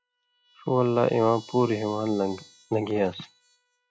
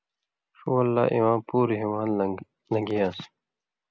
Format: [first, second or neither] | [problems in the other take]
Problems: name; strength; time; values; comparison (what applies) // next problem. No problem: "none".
second | noise reduction (classical method log-MMSE)